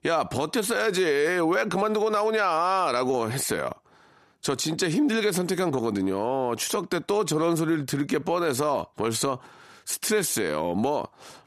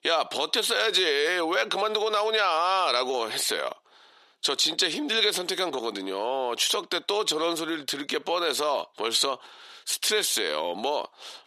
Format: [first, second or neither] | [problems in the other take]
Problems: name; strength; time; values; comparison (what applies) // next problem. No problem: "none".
first | thin; somewhat; fading below 500 Hz